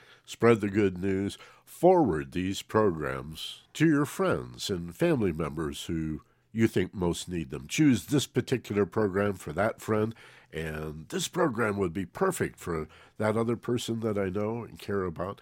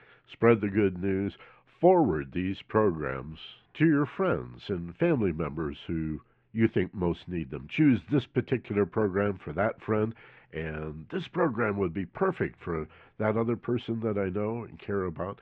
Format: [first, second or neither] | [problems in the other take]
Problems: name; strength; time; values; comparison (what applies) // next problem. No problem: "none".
first | muffled; very; fading above 2.5 kHz